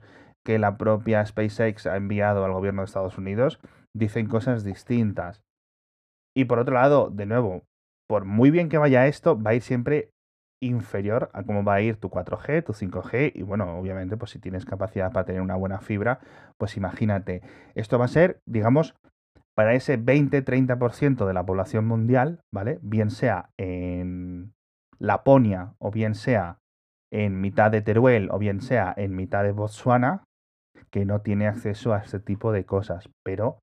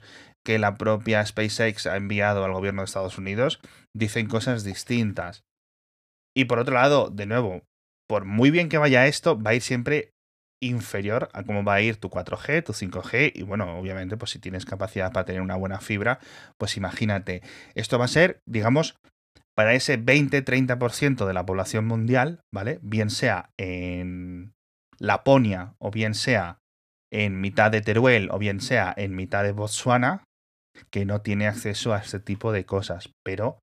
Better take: second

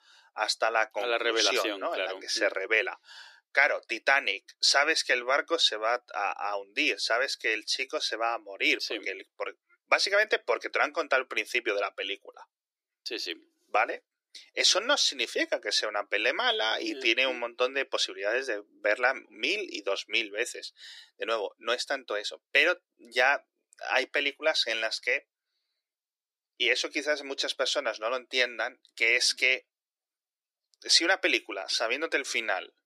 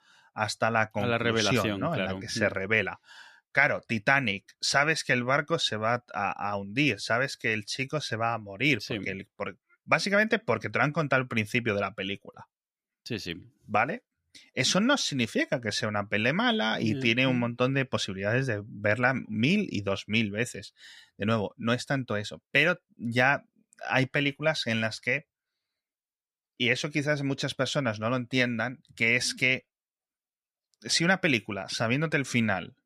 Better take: second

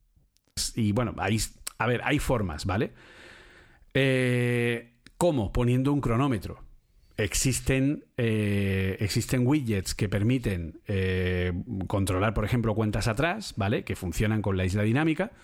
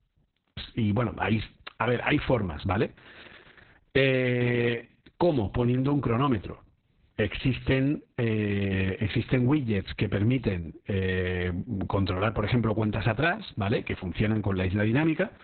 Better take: first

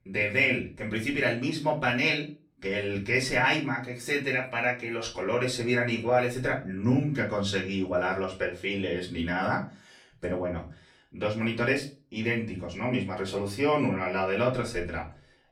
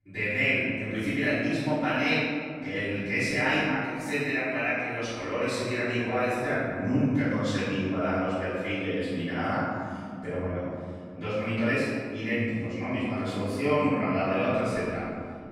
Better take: first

